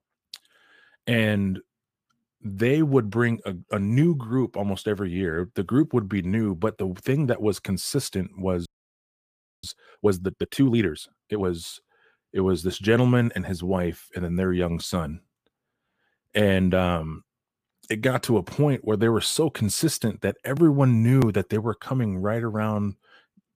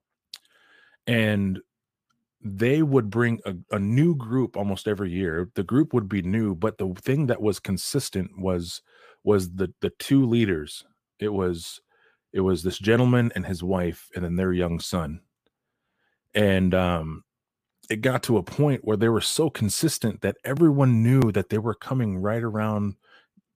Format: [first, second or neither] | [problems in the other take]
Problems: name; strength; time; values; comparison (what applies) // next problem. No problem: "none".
second | audio freezing; at 8.5 s for 1 s